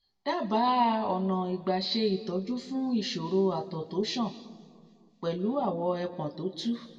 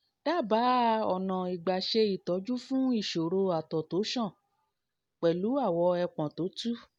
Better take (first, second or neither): second